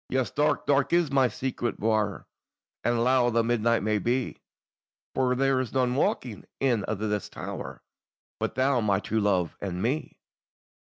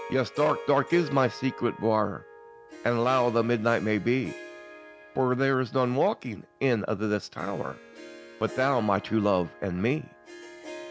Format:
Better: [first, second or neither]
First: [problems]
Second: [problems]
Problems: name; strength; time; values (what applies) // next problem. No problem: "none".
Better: first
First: none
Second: background sound (Harp); 16 dB below the speech